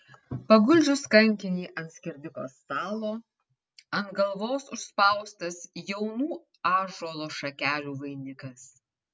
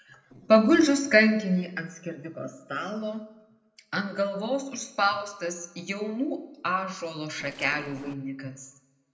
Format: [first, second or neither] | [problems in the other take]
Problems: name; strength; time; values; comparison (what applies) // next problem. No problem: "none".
first | noise reduction (neural separator model SepFormer DNS4)